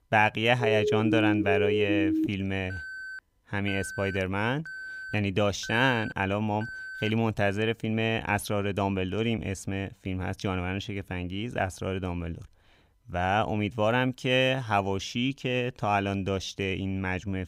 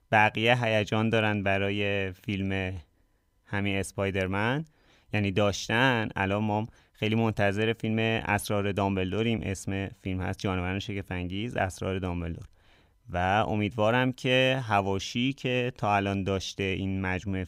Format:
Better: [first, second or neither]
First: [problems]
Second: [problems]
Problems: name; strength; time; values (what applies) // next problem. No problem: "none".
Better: second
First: siren; loud; from 0.5 to 2.5 s; peak 2 dB above the speech // alarm; noticeable; from 2.5 to 7 s; peak 9 dB below the speech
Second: none